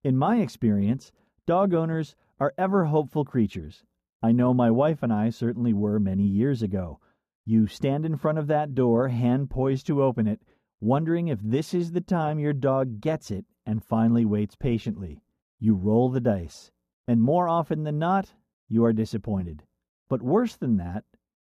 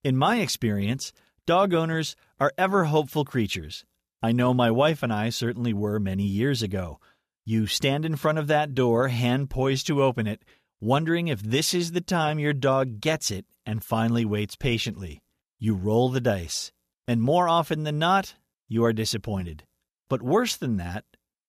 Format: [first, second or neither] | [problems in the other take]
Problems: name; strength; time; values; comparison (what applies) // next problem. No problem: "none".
second | muffled; slightly; fading above 1.5 kHz